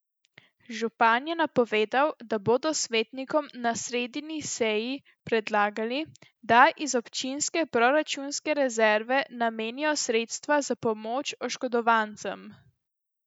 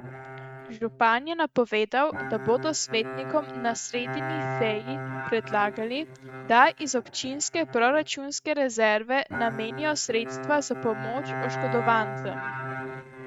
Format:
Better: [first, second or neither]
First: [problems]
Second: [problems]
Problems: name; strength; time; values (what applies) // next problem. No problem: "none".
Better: first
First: none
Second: noise reduction (neural mask model RNNoise)